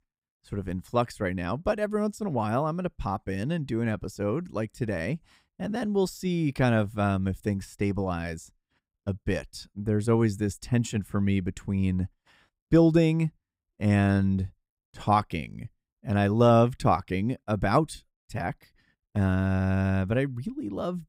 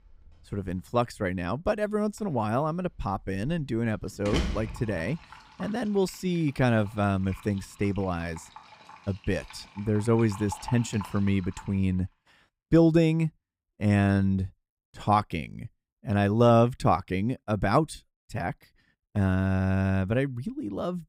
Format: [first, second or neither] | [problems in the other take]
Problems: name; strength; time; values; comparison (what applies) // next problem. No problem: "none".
first | household noises; noticeable; until 12 s; 15 dB below the speech